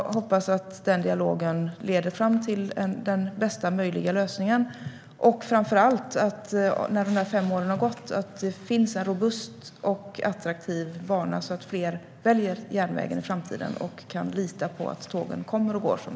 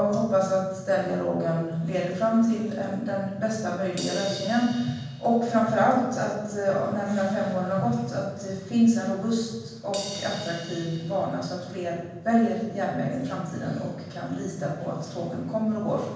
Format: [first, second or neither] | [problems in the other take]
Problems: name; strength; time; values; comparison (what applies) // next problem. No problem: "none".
first | background sound (Crash cymbal); 16 dB below the speech // room echo; dies away in 1.2 s